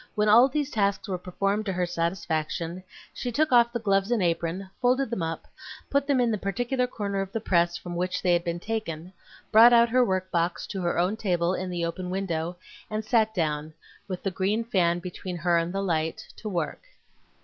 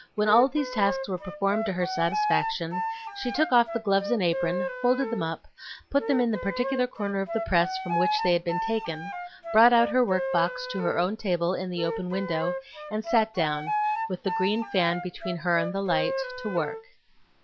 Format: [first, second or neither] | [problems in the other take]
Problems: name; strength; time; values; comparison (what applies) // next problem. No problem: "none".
first | background sound (Wind instrument, woodwind instrument); 6 dB below the speech